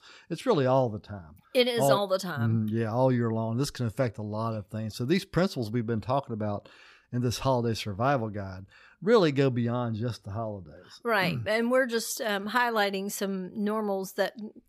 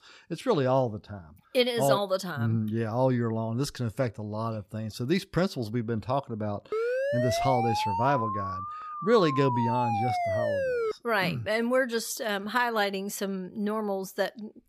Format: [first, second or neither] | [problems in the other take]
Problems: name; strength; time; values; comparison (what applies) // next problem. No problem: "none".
first | siren; loud; from 6.5 to 11 s; peak level with the speech